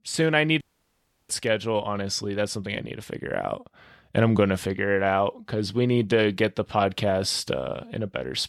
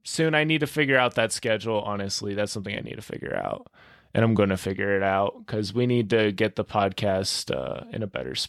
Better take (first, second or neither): second